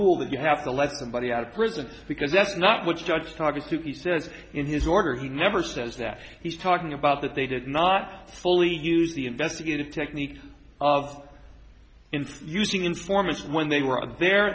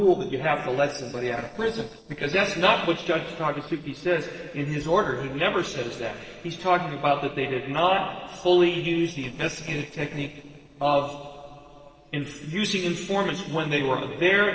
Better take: first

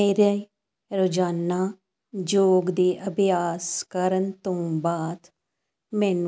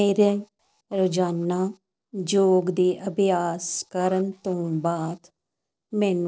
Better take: first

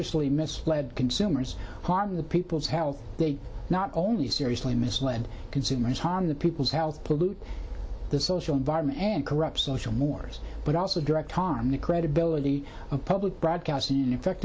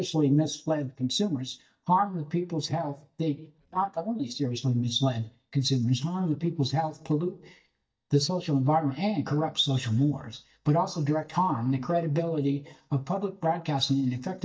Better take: first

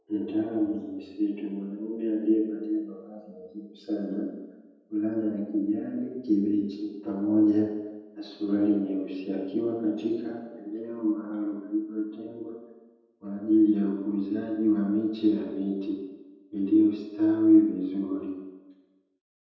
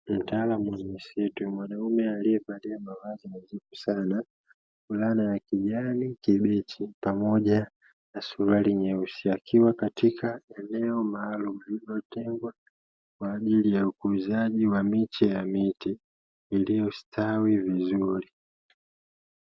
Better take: second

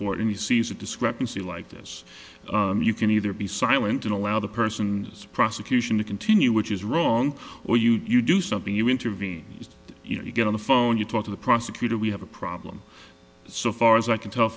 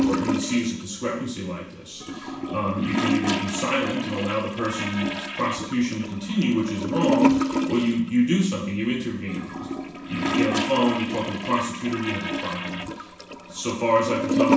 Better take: first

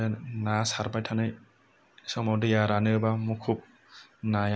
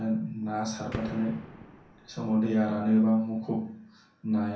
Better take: first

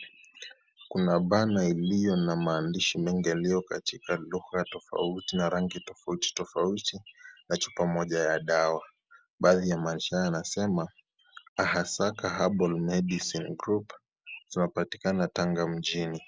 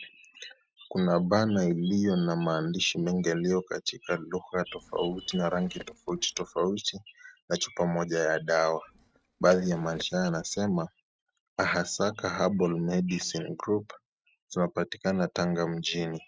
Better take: first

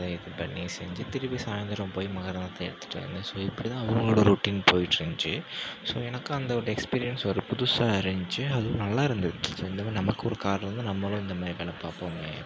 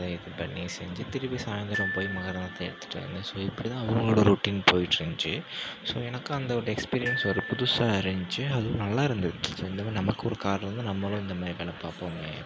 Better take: first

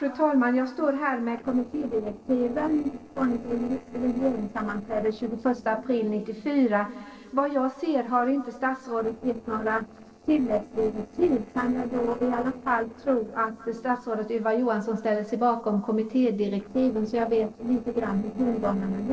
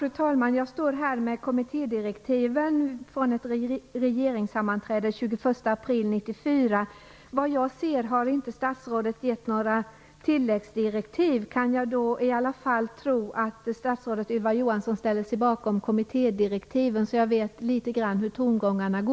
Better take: second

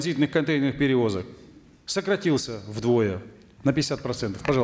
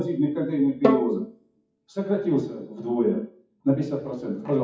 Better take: first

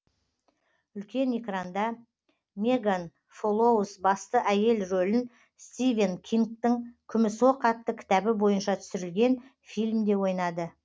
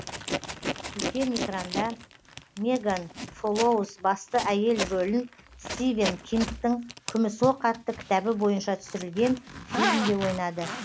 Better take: first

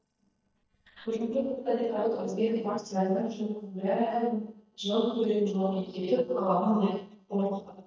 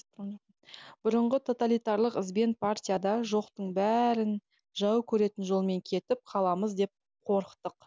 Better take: second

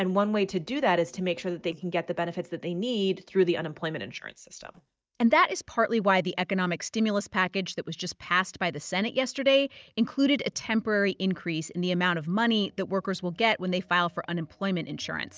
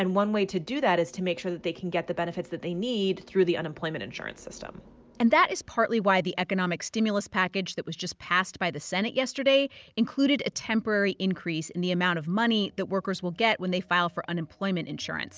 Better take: second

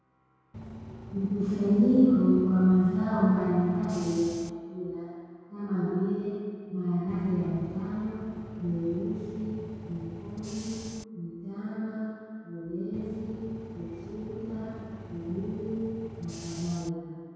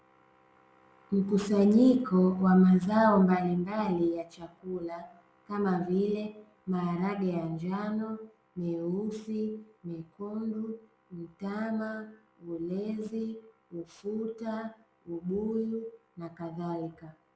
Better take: second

